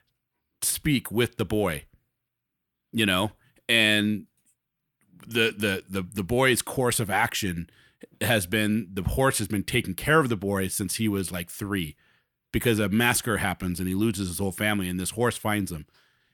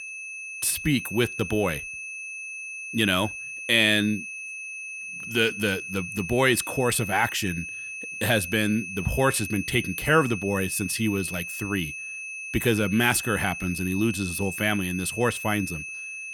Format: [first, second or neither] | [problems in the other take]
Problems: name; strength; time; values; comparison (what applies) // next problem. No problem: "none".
first | high-pitched whine; loud; throughout; 2.5 kHz, 8 dB below the speech